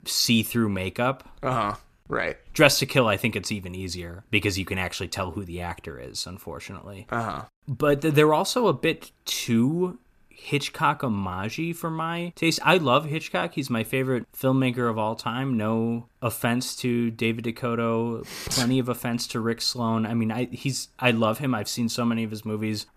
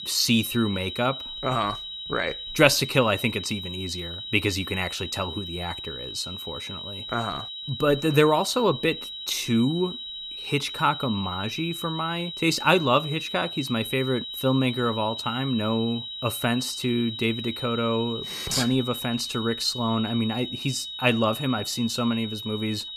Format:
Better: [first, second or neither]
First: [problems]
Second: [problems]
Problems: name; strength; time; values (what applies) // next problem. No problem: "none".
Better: first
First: none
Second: high-pitched whine; loud; throughout; 4 kHz, 7 dB below the speech